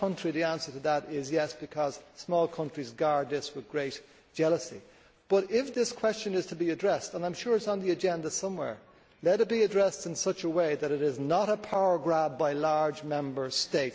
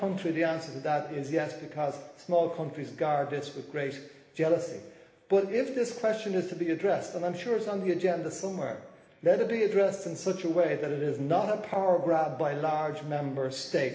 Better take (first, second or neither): first